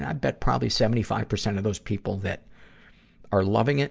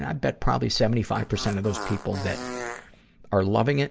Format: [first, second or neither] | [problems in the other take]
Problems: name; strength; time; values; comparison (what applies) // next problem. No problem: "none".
first | background sound (Fart); 11 dB below the speech